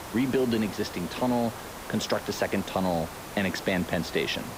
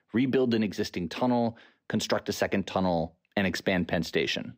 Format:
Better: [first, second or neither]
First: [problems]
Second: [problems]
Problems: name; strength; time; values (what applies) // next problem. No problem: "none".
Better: second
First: hiss; noticeable; throughout; 10 dB below the speech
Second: none